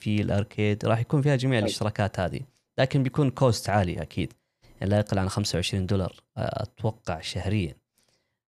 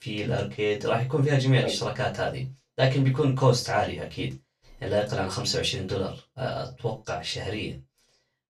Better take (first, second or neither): first